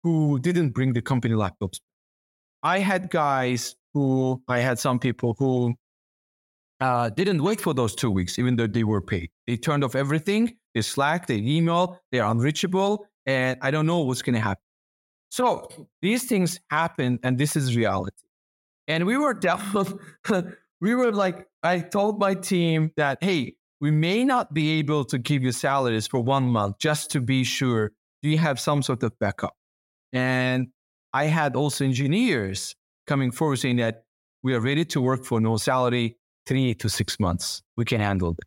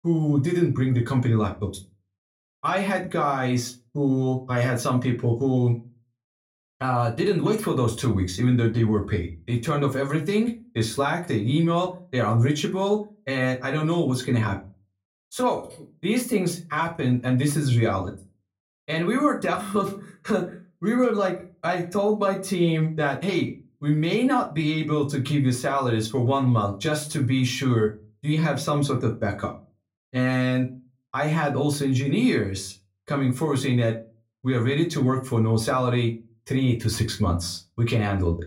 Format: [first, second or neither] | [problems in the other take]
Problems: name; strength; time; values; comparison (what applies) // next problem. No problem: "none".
first | off-mic speech; somewhat distant // room echo; very slight; dies away in 0.2 s